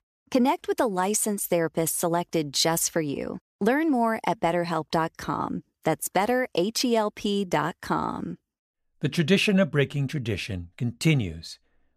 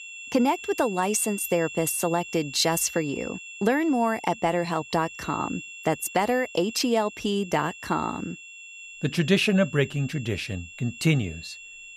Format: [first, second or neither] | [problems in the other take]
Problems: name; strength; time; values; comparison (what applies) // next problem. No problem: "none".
first | high-pitched whine; noticeable; throughout; 2.5 kHz, 15 dB below the speech